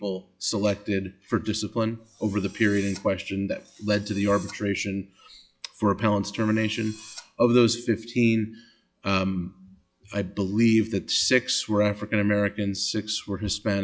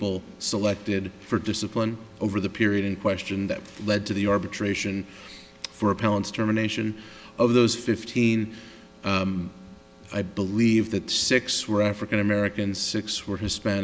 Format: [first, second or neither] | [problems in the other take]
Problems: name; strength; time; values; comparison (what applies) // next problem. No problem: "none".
second | noise reduction (classical method log-MMSE)